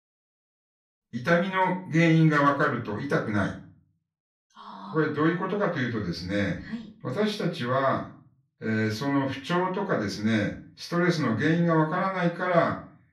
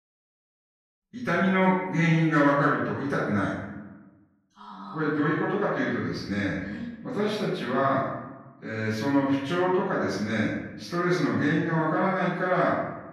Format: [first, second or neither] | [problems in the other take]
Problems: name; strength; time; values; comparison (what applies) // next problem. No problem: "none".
first | room echo; strong; dies away in 0.9 s; slight in the first // off-mic speech; far; far in the first